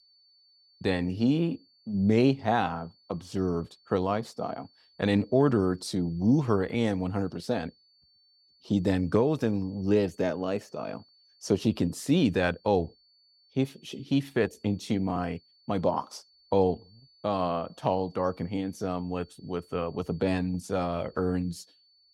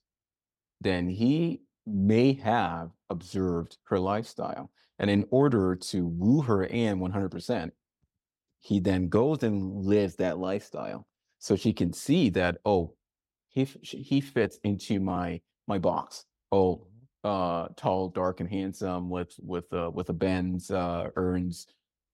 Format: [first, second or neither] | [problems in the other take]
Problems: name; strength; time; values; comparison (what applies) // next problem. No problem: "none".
second | high-pitched whine; faint; throughout; 4.5 kHz, 30 dB below the speech